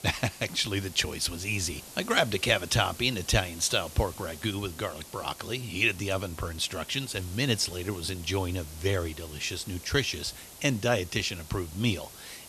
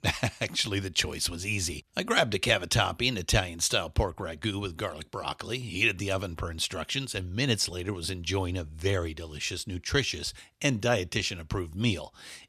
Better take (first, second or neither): second